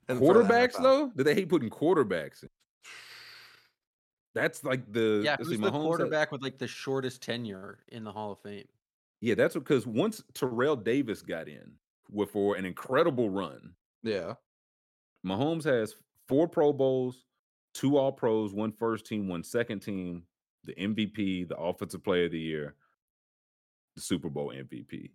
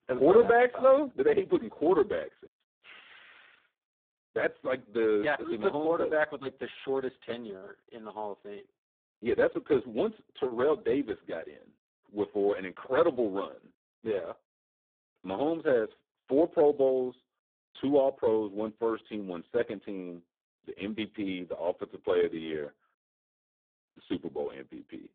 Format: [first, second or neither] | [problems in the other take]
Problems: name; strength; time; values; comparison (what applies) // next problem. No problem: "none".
first | phone-call audio; poor line; nothing above 3.5 kHz